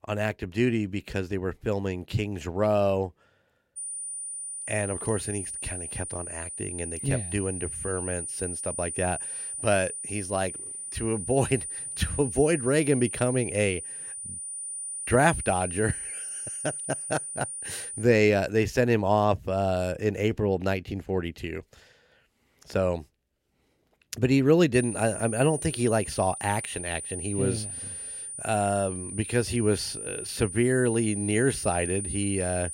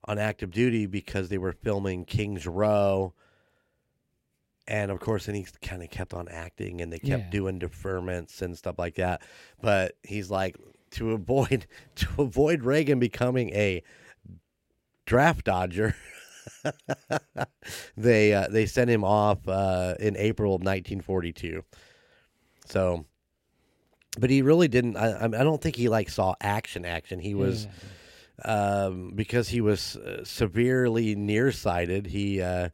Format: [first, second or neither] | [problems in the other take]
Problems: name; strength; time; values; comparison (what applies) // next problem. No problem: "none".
second | high-pitched whine; loud; from 4 to 18 s and from 25 s on; 9.5 kHz, 6 dB below the speech